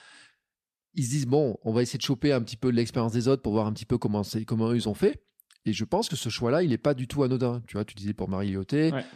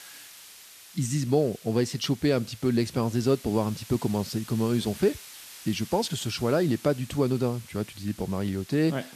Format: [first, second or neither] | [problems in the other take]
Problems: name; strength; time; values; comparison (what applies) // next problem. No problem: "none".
first | hiss; noticeable; throughout; 20 dB below the speech